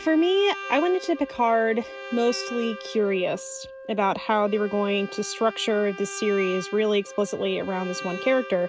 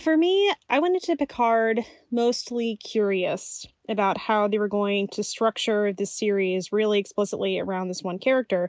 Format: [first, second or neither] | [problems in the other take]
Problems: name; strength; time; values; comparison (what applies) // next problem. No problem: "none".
second | background sound (Wind instrument, woodwind instrument + Bowed string instrument); 13 dB below the speech